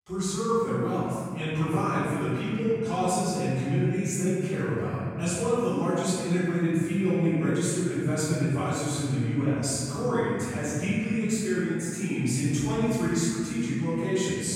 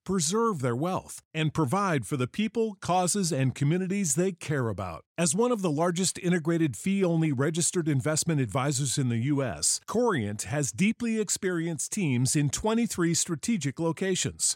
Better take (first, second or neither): second